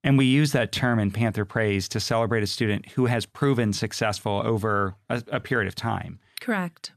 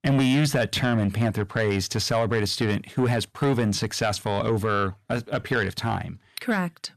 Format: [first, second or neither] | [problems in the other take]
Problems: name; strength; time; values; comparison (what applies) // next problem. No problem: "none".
first | distortion; slight; 10 dB below the speech